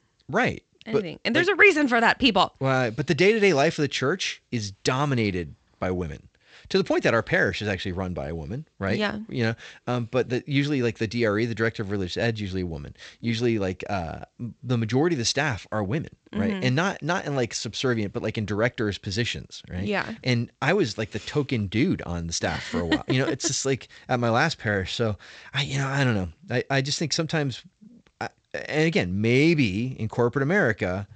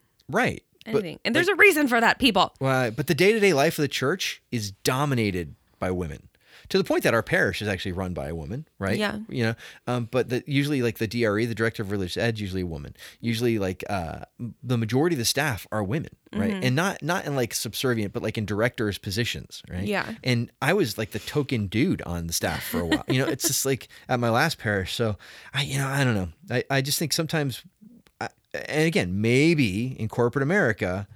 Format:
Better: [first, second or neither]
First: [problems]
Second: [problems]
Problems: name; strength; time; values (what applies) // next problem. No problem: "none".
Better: second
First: garbled, watery; slightly; nothing above 7.5 kHz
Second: none